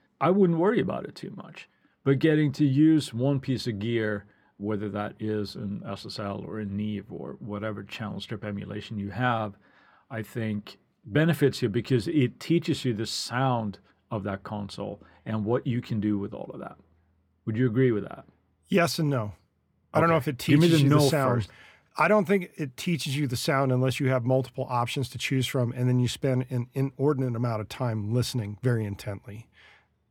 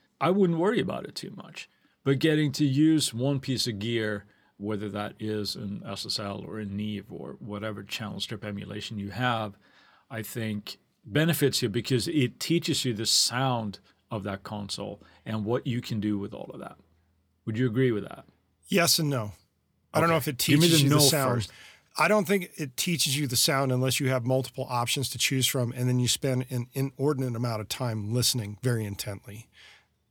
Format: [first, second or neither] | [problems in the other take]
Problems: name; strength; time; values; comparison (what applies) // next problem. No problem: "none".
second | muffled; slightly; fading above 3 kHz